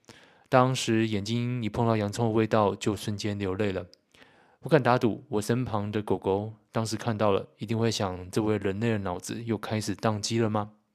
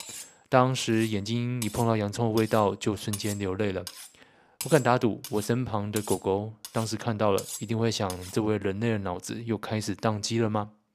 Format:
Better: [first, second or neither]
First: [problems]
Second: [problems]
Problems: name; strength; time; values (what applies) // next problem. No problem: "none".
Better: first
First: none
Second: clattering dishes; noticeable; until 8.5 s; peak 8 dB below the speech